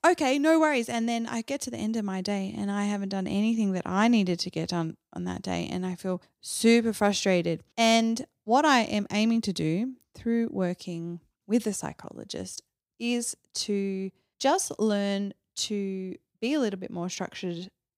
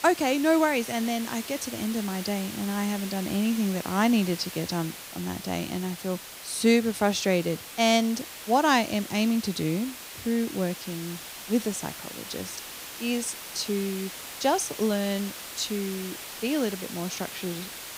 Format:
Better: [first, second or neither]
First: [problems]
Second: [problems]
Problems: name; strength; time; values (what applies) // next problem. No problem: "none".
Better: first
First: none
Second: hiss; noticeable; throughout; 10 dB below the speech